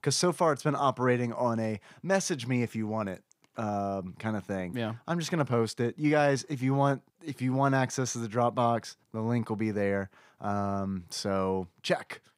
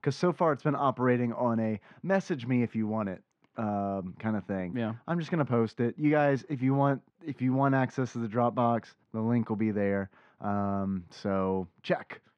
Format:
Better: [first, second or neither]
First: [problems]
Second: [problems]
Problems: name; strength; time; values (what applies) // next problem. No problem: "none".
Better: first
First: none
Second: muffled; slightly; fading above 2.5 kHz